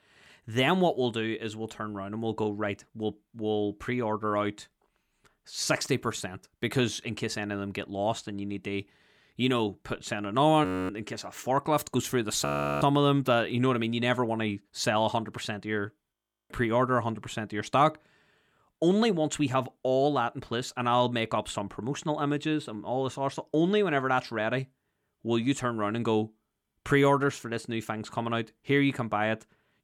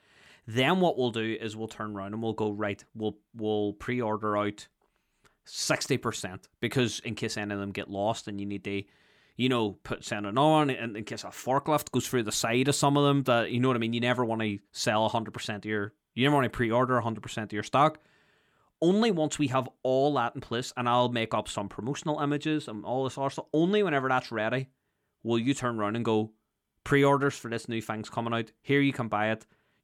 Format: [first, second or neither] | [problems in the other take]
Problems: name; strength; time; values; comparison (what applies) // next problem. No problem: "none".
second | audio freezing; at 11 s, at 12 s and at 16 s